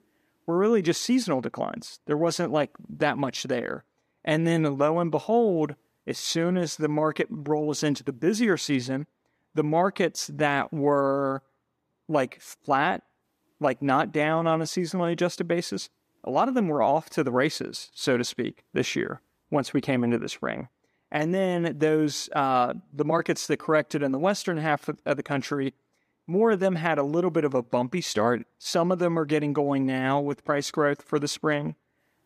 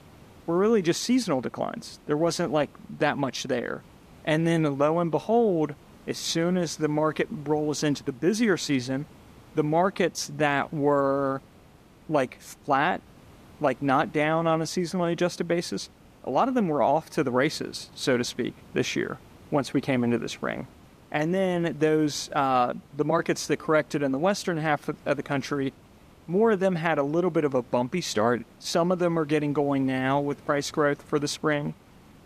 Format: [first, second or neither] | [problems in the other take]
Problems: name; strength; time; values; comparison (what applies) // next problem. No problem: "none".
first | hiss; faint; throughout; 25 dB below the speech